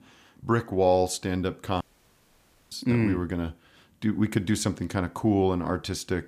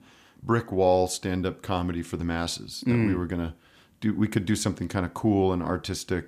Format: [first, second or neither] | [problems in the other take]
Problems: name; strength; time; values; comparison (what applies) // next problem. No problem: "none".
second | audio cutting out; at 2 s for 1 s